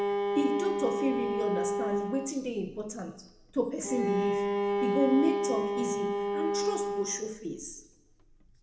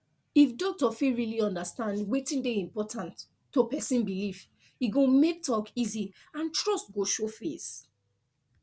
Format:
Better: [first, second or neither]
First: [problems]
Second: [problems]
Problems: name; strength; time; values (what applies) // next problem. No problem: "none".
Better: second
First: background sound (Bowed string instrument); 1 dB above the speech // room echo; dies away in 0.8 s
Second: none